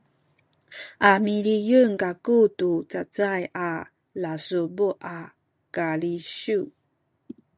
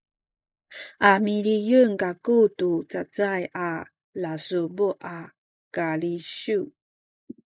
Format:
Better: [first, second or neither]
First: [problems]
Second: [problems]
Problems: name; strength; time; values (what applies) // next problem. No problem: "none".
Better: first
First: none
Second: noise reduction (neural mask model Resemble Enhance denoiser)